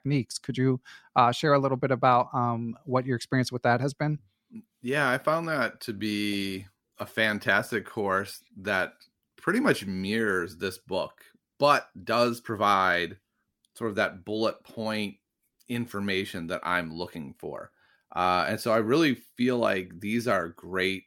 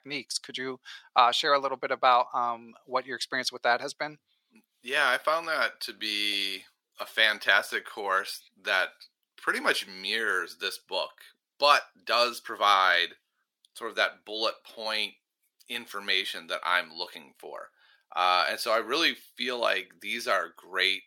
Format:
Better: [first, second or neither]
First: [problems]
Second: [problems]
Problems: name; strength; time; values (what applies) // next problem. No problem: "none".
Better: first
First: none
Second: thin; very; fading below 650 Hz